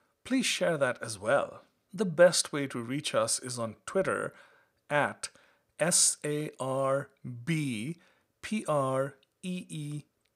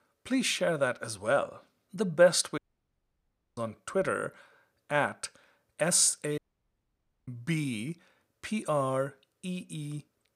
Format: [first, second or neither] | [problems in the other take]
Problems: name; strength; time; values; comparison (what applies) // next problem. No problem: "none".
first | audio cutting out; at 2.5 s for 1 s and at 6.5 s for 1 s